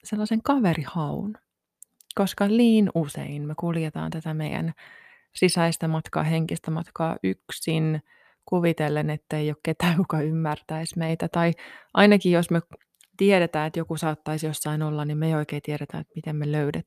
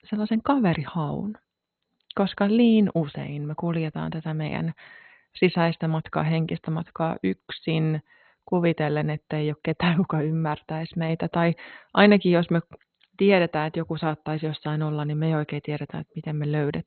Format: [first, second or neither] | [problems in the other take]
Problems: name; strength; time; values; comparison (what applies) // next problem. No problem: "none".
first | garbled, watery; badly; nothing above 4 kHz